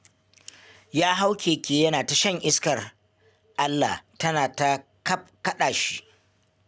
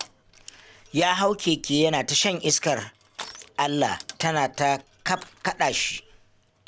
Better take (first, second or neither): first